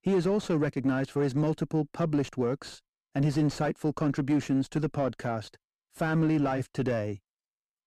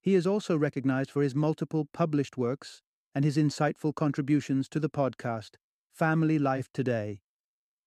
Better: second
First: distortion; slight; 10 dB below the speech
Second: none

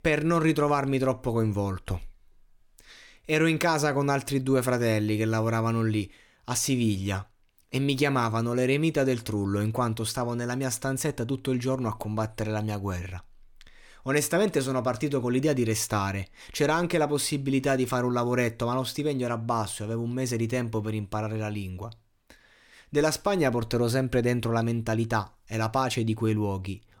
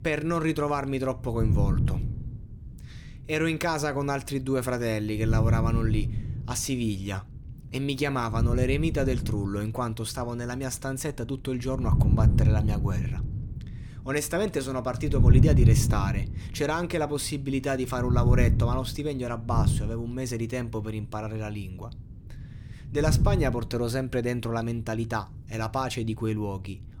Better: first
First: none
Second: wind noise on the microphone; heavy; 8 dB below the speech

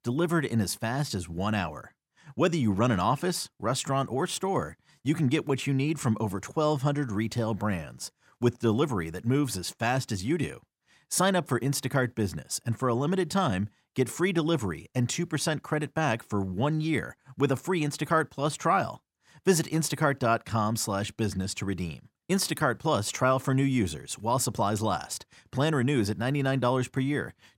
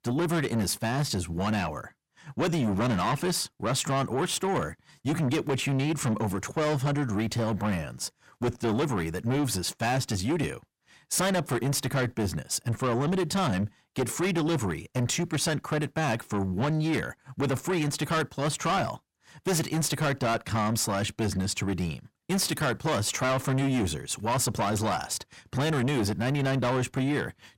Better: first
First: none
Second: distortion; heavy; 7 dB below the speech

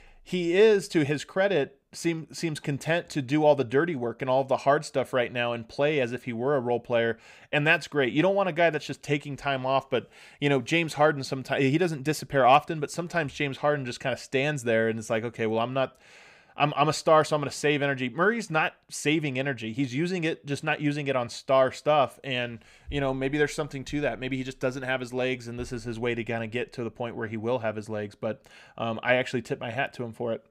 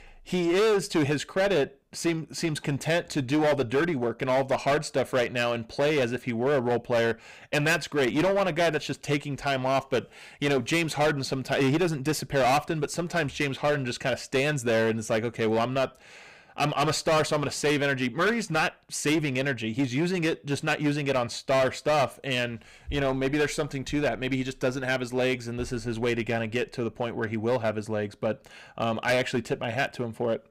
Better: first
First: none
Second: distortion; heavy; 12% of the sound clipped

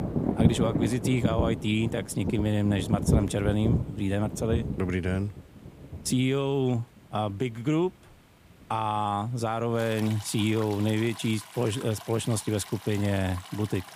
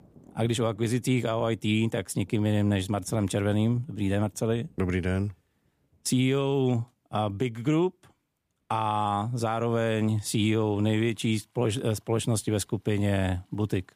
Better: second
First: rain or running water; loud; throughout; 4 dB below the speech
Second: rain or running water; faint; throughout; 30 dB below the speech

